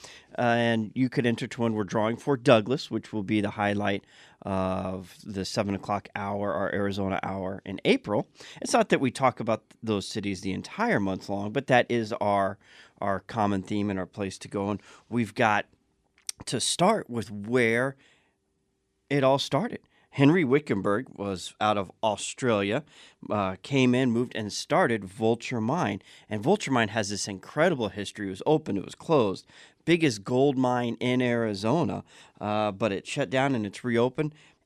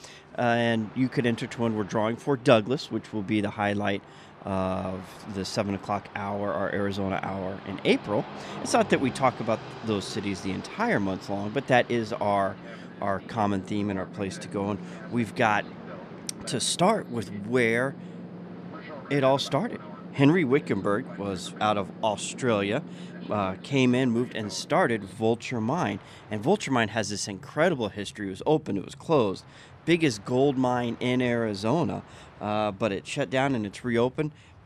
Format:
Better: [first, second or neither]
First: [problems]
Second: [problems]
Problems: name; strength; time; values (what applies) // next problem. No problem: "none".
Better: first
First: none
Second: train or aircraft noise; noticeable; throughout; 15 dB below the speech